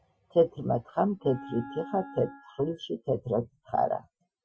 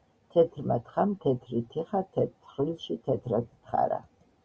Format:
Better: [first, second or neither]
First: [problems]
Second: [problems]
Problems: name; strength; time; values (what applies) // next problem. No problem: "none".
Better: second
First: noise reduction (classical method Wiener filter)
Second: none